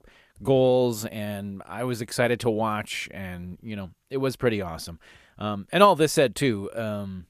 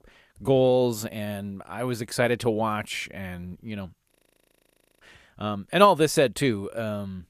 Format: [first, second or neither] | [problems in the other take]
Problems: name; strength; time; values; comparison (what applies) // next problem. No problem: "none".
first | audio freezing; at 4 s for 1 s